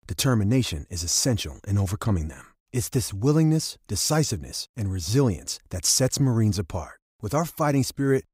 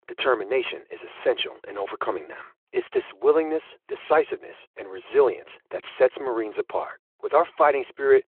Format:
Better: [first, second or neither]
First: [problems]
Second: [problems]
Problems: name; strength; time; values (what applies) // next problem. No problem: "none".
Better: first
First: none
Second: phone-call audio; nothing above 3 kHz